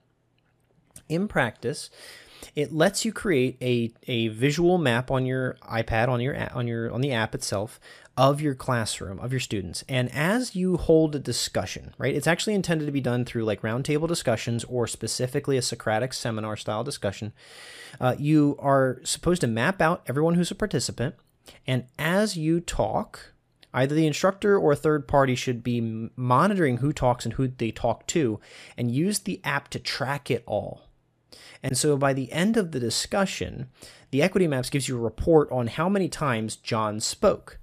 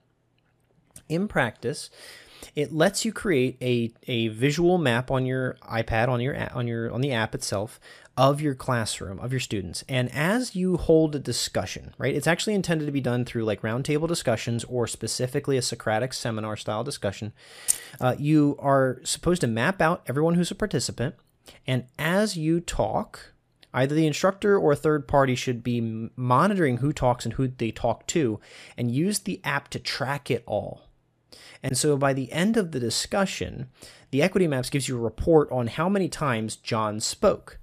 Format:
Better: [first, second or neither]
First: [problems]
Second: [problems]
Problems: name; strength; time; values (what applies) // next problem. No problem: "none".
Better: first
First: none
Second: jangling keys; noticeable; at 18 s; peak 1 dB below the speech